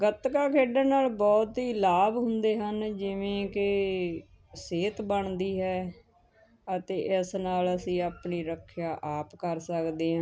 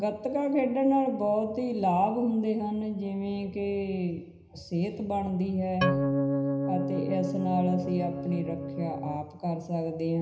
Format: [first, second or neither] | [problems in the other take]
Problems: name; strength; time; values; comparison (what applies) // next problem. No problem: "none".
first | background sound (Organ); 1 dB below the speech // room echo; dies away in 0.9 s